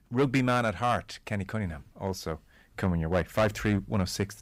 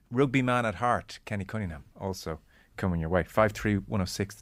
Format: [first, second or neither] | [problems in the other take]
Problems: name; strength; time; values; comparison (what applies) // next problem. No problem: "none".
second | distortion; slight; 3% of the sound clipped